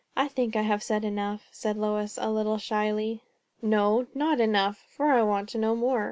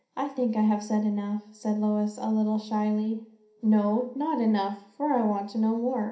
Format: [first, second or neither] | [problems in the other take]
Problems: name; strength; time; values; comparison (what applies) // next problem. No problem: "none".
first | room echo; dies away in 0.5 s